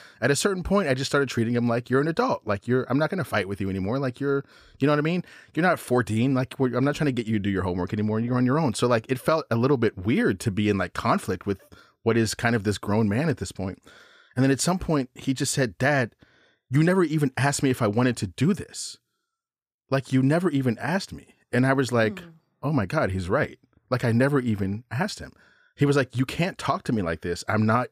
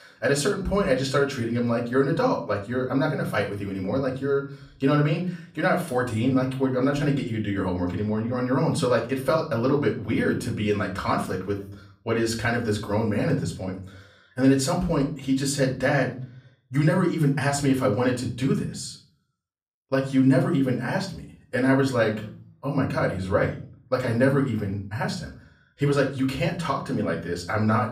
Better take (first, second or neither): first